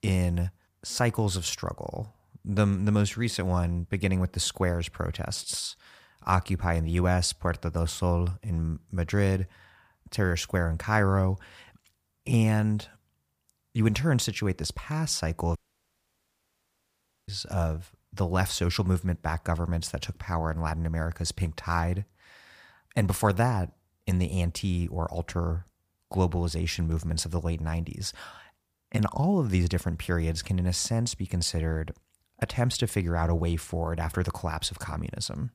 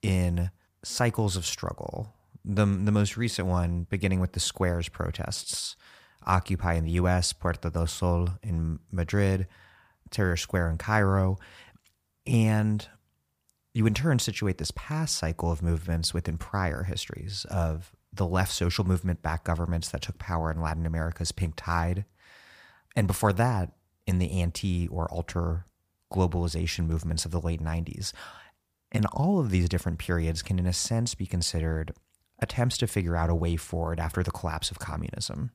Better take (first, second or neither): second